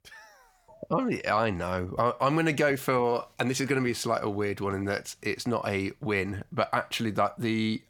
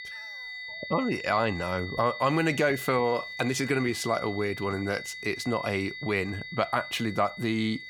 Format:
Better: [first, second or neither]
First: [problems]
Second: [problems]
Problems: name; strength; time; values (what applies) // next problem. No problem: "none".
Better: first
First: none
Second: high-pitched whine; loud; throughout; 2 kHz, 9 dB below the speech